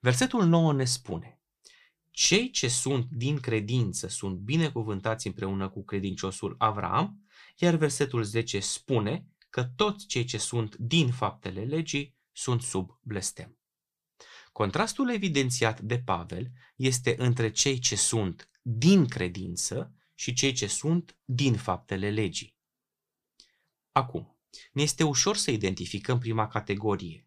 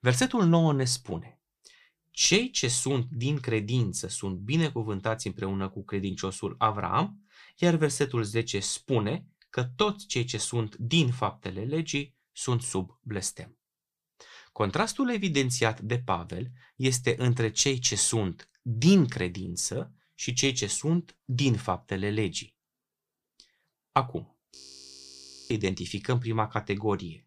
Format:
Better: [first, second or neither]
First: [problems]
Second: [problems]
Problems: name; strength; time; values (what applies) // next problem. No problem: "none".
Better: first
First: none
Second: audio freezing; at 25 s for 1 s